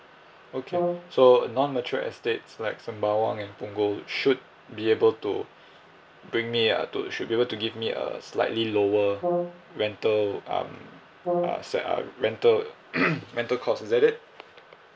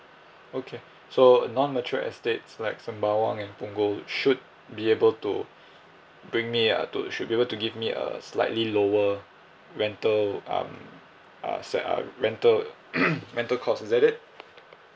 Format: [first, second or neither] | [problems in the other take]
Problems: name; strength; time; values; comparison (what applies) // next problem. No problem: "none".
second | background sound (Brass instrument); 7 dB below the speech